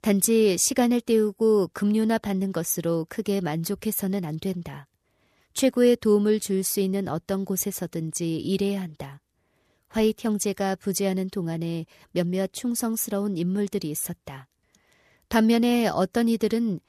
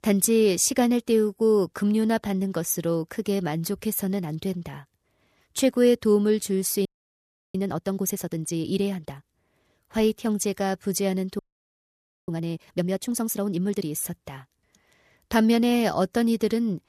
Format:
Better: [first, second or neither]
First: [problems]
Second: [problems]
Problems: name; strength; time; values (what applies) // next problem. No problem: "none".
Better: first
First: none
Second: audio freezing; at 7 s for 0.5 s and at 11 s for 1 s